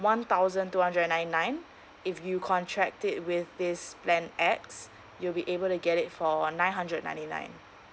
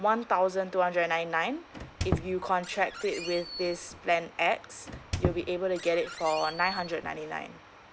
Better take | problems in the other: first | background sound (Squeak); 8 dB below the speech

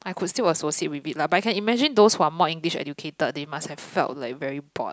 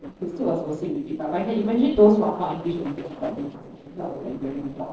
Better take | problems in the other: first | noise reduction (neural separator model SepFormer DNS4)

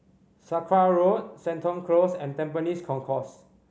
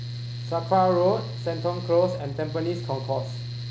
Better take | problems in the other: first | background sound (Mechanical fan); 7 dB below the speech

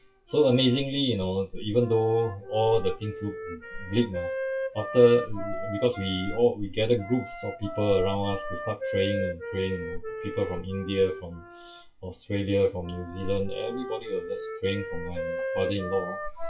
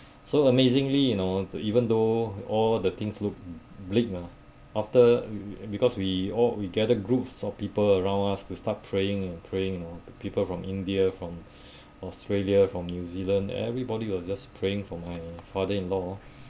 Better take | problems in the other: second | noise reduction (classical method WPE with log-MMSE)

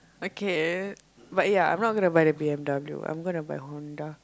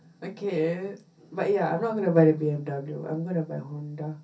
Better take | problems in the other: first | room echo; dies away in 0.3 s

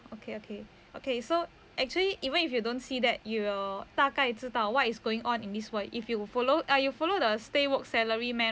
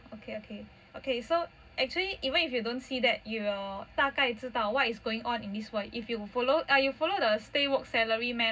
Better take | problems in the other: first | room echo; dies away in 0.4 s

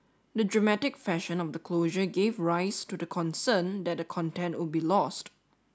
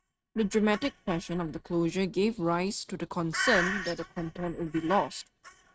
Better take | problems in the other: first | noise reduction (neural mask model RNNoise)

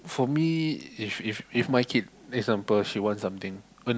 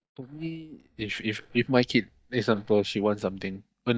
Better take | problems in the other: first | noise reduction (neural mask model DeepFilterNet 3)

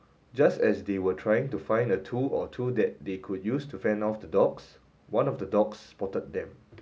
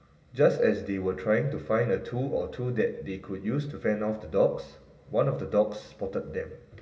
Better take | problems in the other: first | room echo; dies away in 2.2 s

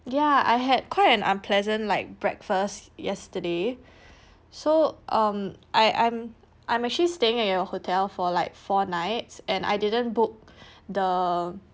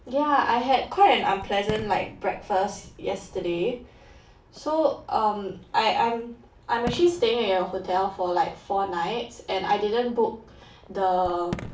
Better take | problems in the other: first | background sound (Fireworks); 18 dB below the speech // room echo; dies away in 0.3 s

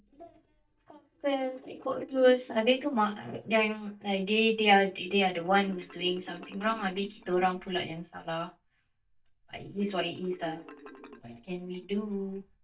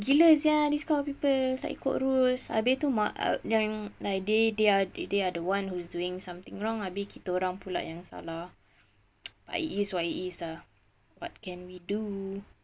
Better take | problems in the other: second | noise reduction (neural mask model DeepFilterNet 3)

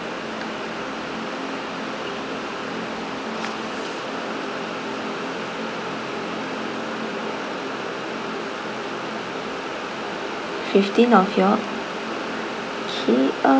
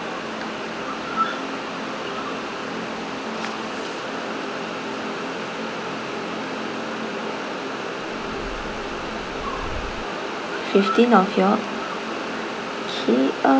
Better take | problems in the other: first | background sound (Cricket + Subway, metro, underground); 12 dB below the speech

